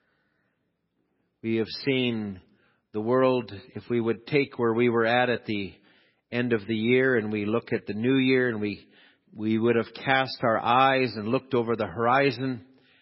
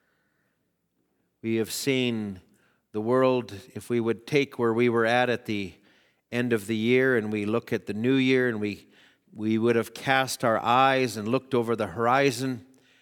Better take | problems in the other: second | garbled, watery; badly; nothing above 5.5 kHz

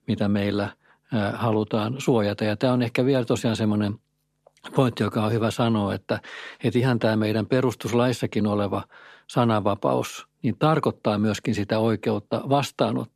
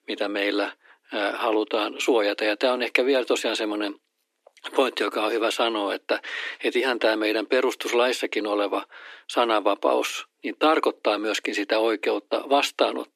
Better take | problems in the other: first | thin; somewhat; fading below 300 Hz

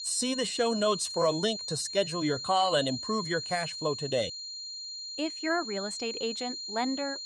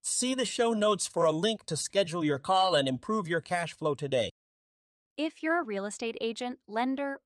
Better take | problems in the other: second | high-pitched whine; loud; throughout; 4 kHz, 6 dB below the speech

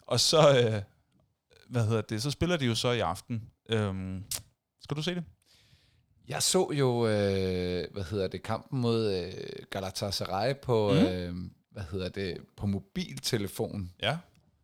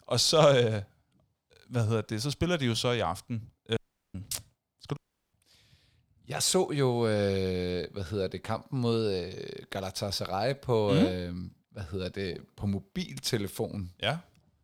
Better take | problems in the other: first | audio cutting out; at 4 s and at 5 s

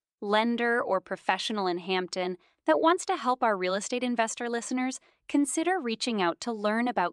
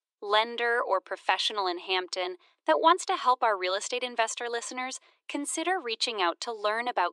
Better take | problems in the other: first | thin; very; fading below 350 Hz

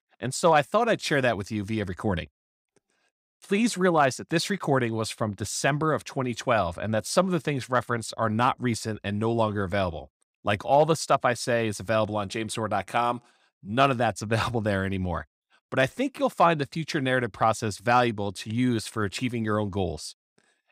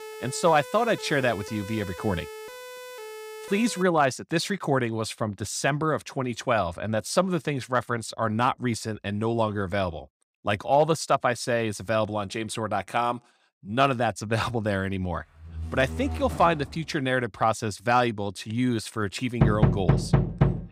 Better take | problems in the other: first | siren; faint; until 4 s; peak 15 dB below the speech // door banging; noticeable; from 15 to 17 s; peak 7 dB below the speech // door banging; loud; from 19 s on; peak 4 dB above the speech

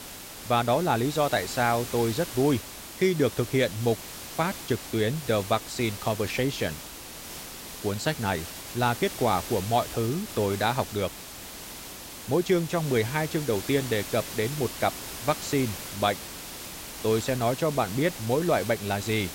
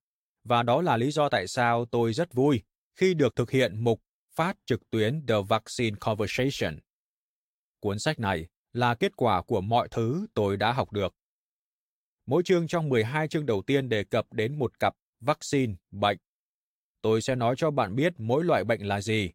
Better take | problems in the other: second | hiss; loud; throughout; 10 dB below the speech

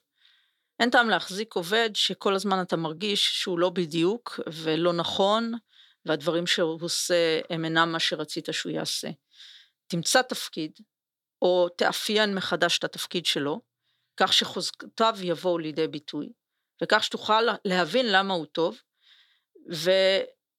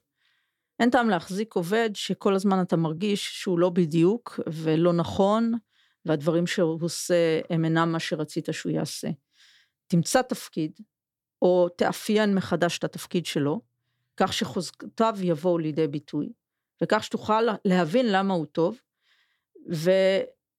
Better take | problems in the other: second | thin; very slightly; fading below 950 Hz

